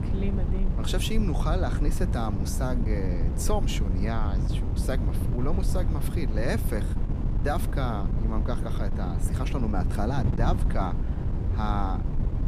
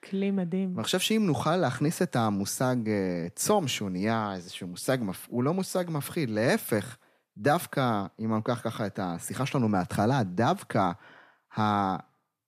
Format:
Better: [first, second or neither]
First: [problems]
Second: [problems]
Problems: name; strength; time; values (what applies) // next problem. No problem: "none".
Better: second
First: wind noise on the microphone; heavy; 7 dB below the speech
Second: none